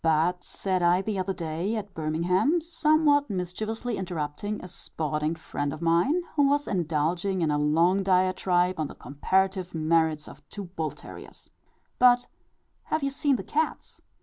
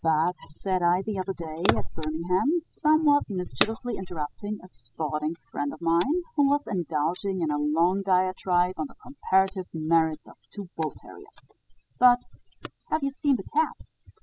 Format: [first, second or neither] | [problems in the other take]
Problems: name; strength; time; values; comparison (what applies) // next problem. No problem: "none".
first | noise reduction (classical method spectral subtraction)